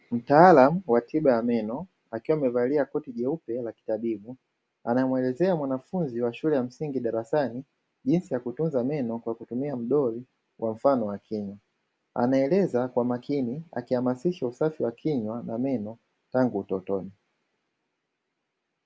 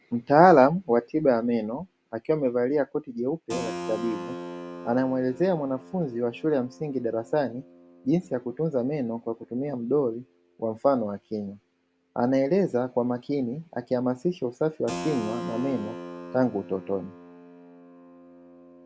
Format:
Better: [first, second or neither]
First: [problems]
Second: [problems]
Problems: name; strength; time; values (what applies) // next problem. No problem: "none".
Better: first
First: none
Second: background sound (Keyboard (musical)); 15 dB below the speech